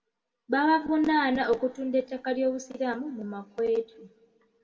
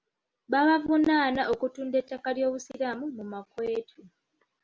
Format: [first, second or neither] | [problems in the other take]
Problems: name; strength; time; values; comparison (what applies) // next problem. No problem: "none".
second | room echo; dies away in 0.7 s